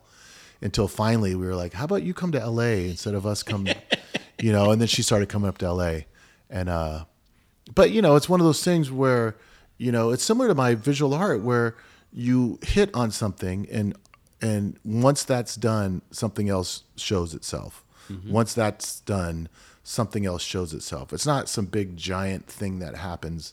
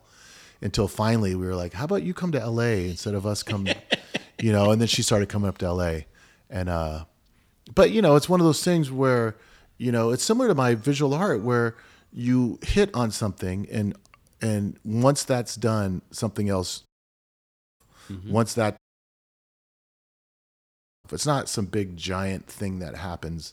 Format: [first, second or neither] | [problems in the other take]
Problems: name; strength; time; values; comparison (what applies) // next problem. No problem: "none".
first | audio cutting out; at 17 s for 1 s and at 19 s for 2.5 s